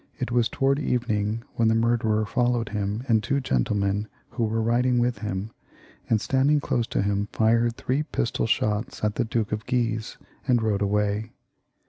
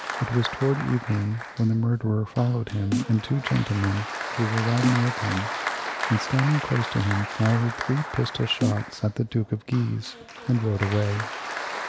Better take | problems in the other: first | background sound (Applause + Snare drum); 7 dB below the speech

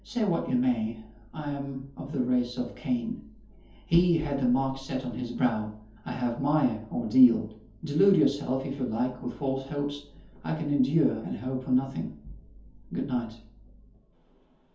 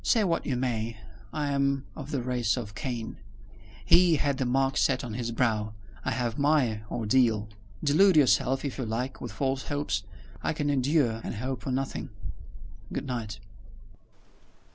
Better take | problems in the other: second | room echo; dies away in 0.5 s

